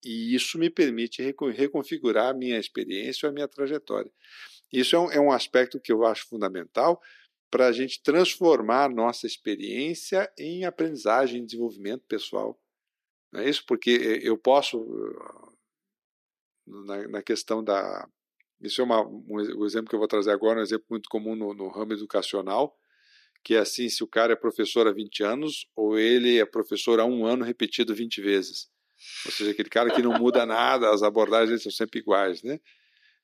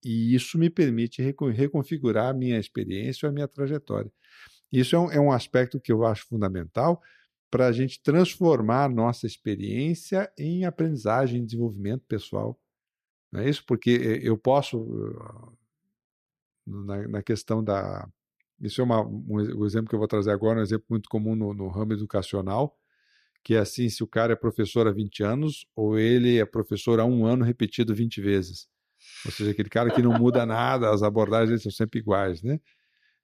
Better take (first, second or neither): second